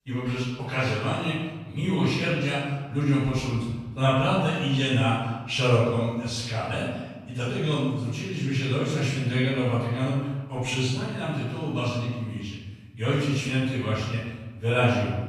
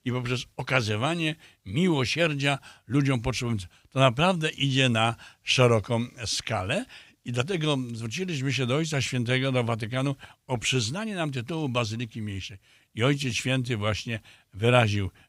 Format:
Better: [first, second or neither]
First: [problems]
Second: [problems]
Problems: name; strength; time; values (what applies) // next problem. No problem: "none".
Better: second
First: off-mic speech; far // room echo; strong; dies away in 1.3 s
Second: none